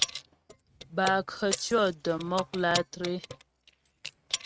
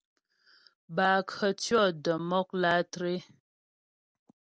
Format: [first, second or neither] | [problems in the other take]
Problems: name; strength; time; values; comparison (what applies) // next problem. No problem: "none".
second | noise reduction (neural mask model RNNoise)